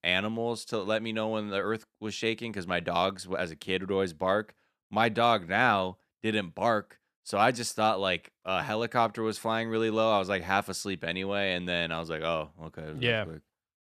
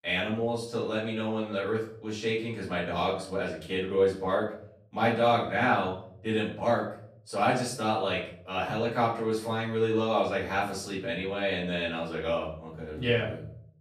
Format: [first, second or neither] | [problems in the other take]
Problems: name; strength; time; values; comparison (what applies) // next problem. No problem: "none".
first | off-mic speech; far // room echo; noticeable; dies away in 0.6 s